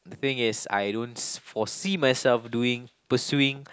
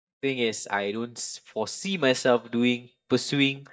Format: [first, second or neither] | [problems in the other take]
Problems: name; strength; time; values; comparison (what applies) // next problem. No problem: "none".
first | noise reduction (neural mask model DeepFilterNet 3)